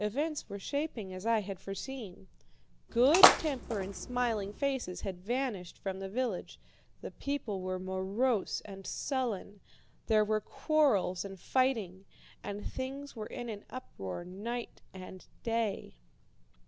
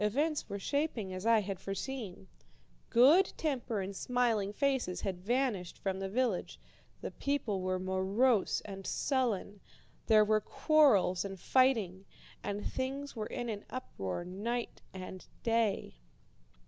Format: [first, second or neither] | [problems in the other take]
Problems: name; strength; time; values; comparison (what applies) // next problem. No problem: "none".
second | background sound (Splash, splatter); 4 dB above the speech